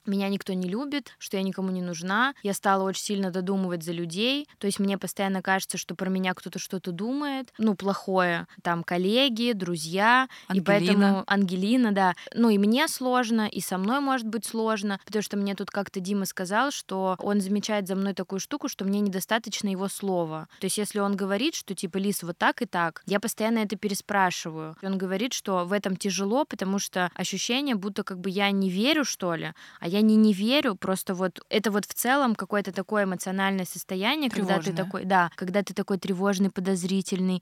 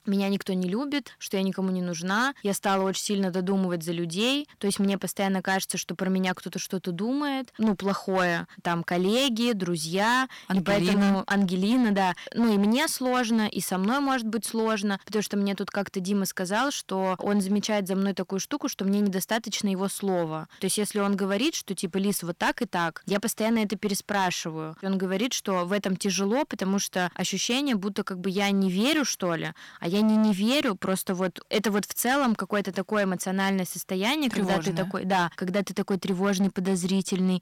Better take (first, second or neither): first